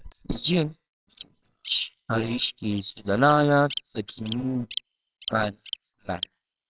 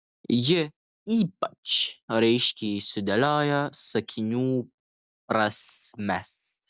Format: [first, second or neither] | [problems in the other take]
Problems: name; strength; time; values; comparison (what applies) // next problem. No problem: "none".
second | noise reduction (neural separator model SepFormer WHAMR!)